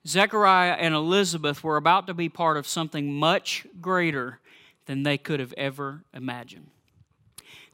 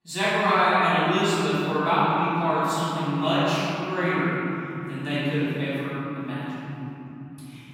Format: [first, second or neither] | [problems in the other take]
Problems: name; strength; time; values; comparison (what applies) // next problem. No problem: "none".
first | room echo; strong; dies away in 3 s // off-mic speech; far